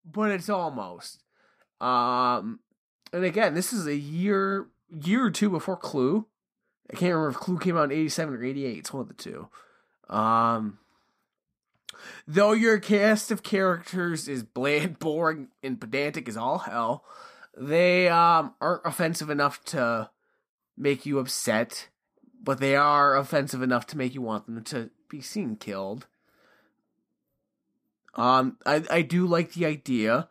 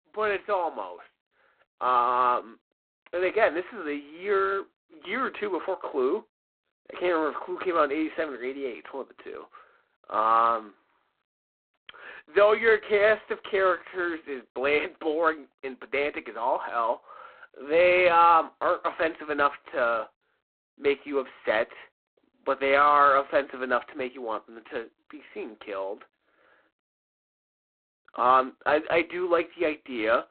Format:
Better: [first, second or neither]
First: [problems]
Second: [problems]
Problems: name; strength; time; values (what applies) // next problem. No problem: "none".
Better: first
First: none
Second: phone-call audio; poor line; nothing above 4 kHz